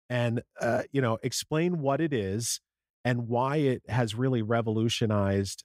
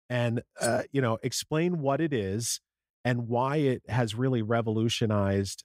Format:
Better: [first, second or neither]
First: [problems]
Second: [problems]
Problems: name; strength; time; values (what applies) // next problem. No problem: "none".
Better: first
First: none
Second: clattering dishes; noticeable; at 0.5 s; peak 9 dB below the speech